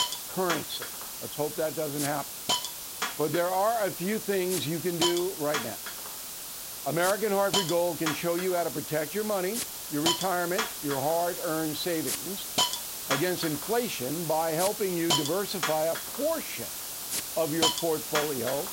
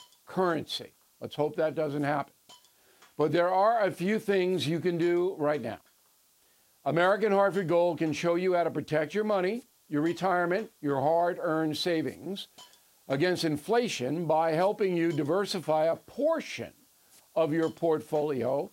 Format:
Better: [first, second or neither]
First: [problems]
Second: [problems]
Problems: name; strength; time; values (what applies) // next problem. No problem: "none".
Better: second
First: hiss; loud; throughout; 1 dB below the speech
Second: hiss; faint; throughout; 30 dB below the speech